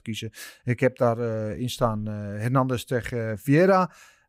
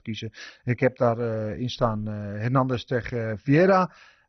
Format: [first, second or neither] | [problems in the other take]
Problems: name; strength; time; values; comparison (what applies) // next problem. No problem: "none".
first | garbled, watery; badly; nothing above 6 kHz